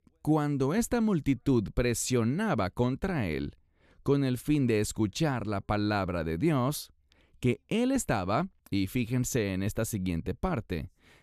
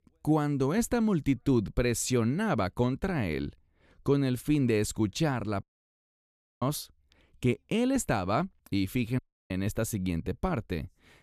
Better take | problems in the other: first | audio cutting out; at 5.5 s for 1 s and at 9 s

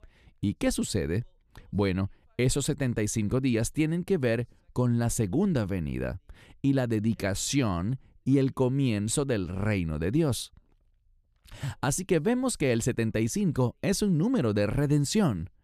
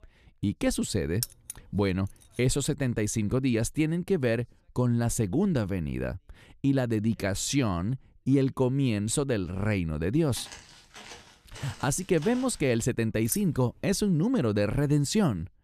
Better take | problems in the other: first | jangling keys; noticeable; at 1 s and at 13 s; peak 6 dB below the speech // footsteps; faint; from 10 to 13 s; peak 15 dB below the speech

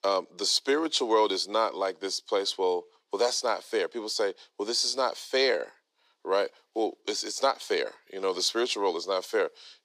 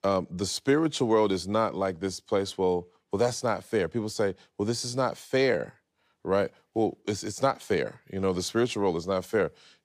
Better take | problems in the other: second | thin; somewhat; fading below 350 Hz

